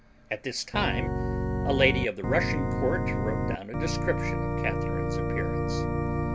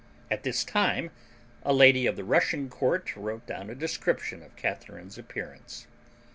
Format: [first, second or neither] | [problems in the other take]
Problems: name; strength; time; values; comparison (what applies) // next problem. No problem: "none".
second | background sound (Organ); 3 dB above the speech